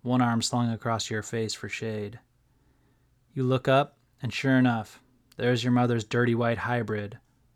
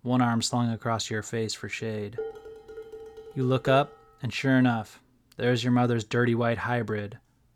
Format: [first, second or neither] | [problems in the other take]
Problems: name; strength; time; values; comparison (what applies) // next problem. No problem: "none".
first | clattering dishes; noticeable; from 2 to 4 s; peak 10 dB below the speech